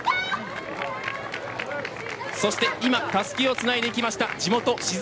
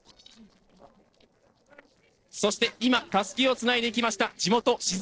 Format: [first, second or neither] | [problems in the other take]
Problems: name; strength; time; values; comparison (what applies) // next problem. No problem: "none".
first | noise reduction (neural separator model SepFormer DNS4)